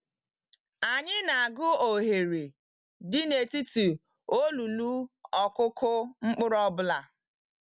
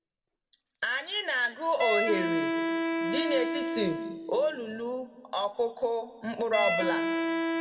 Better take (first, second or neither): first